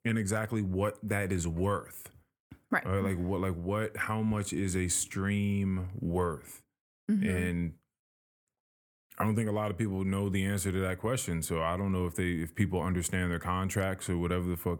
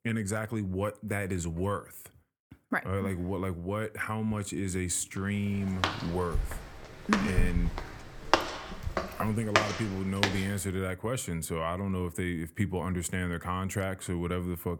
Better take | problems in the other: first | footsteps; loud; from 6 to 10 s; peak 4 dB above the speech

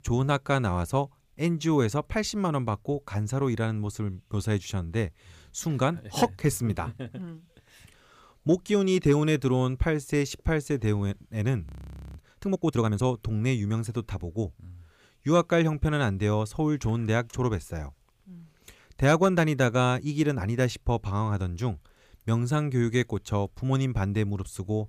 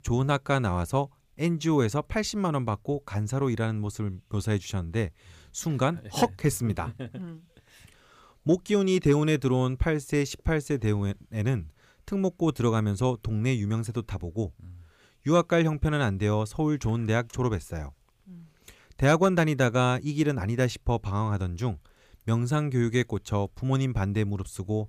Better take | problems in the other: second | audio freezing; at 12 s for 0.5 s

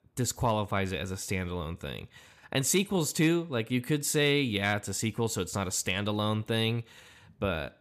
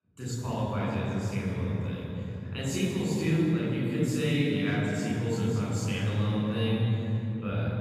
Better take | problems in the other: first | room echo; strong; dies away in 3 s // off-mic speech; far

